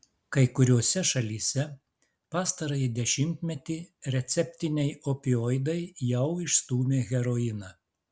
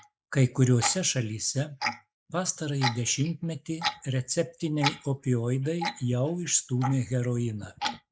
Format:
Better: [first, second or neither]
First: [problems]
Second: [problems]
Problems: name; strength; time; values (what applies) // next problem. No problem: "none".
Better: first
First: none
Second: noise reduction (neural mask model Resemble Enhance denoiser)